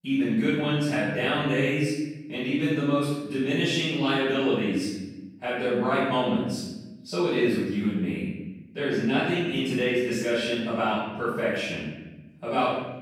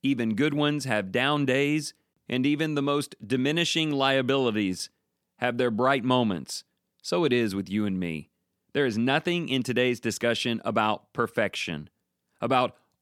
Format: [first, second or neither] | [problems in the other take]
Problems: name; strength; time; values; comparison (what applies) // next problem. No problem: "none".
second | off-mic speech; far // room echo; strong; dies away in 1 s